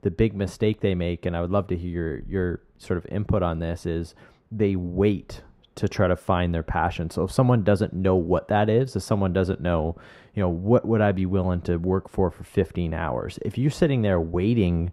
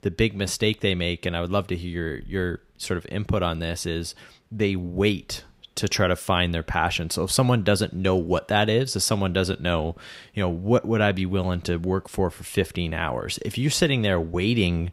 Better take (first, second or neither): second